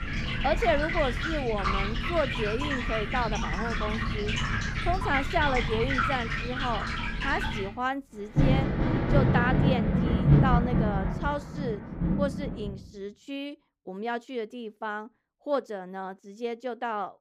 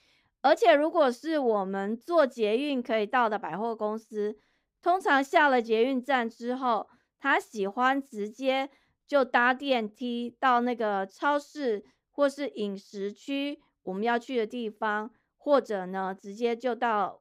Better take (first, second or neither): second